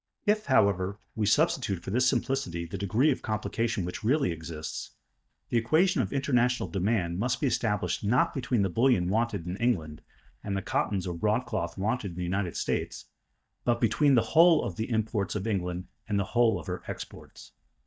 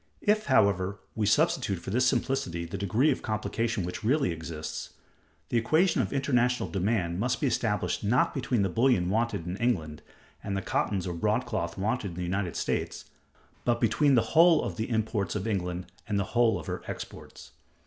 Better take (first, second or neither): second